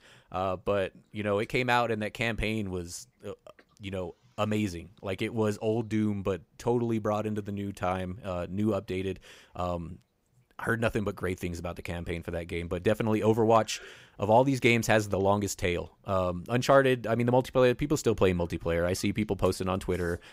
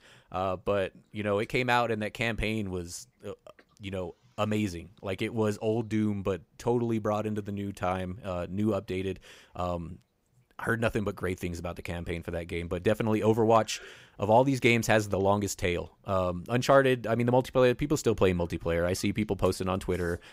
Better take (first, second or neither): neither